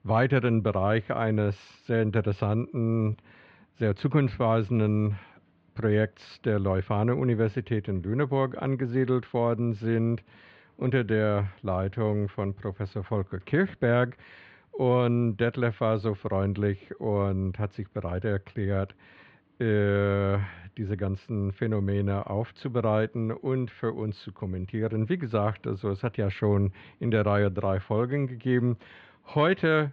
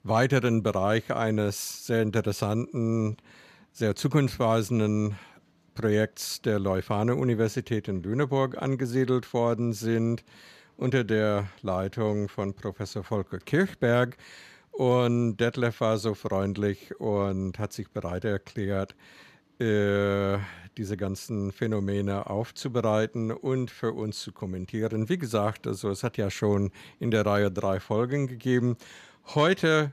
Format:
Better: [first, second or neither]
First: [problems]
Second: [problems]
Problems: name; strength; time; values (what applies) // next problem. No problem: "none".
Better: second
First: muffled; very; fading above 3 kHz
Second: none